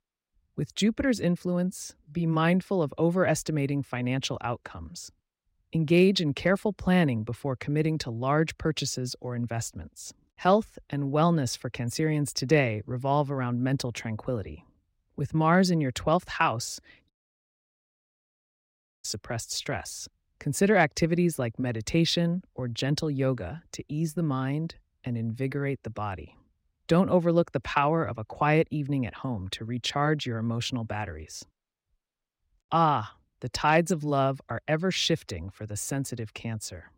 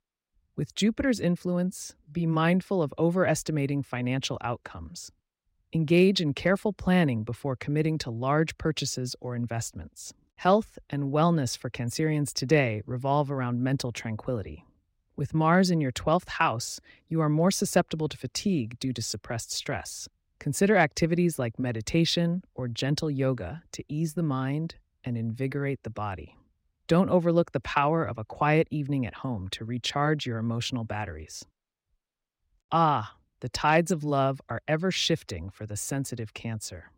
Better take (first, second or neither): second